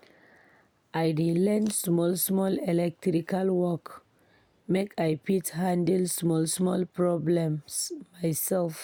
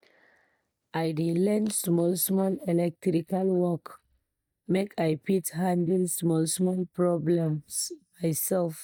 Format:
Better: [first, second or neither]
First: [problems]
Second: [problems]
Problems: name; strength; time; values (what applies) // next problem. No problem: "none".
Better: first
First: none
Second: noise reduction (neural mask model DeepFilterNet 3)